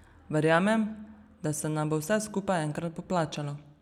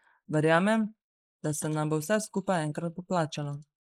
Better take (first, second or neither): first